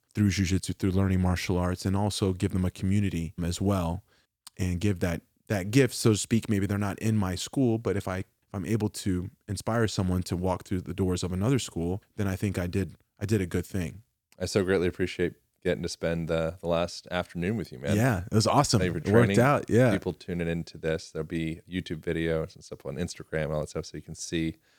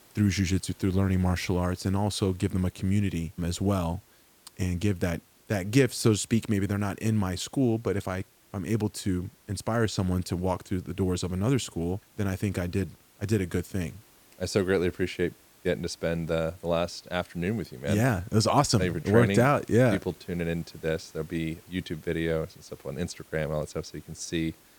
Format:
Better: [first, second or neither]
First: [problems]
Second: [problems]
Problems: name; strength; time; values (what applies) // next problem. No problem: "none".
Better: first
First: none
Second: hiss; faint; throughout; 30 dB below the speech